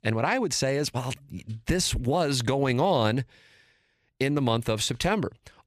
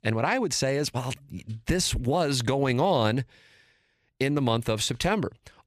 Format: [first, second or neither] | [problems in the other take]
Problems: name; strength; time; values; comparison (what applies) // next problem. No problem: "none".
neither | none